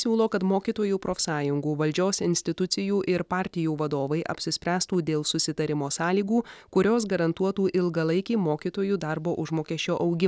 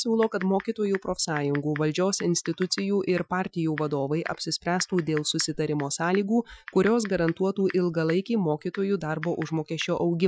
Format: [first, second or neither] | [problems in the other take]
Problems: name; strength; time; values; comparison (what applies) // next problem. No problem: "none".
first | noise reduction (classical method Wiener filter)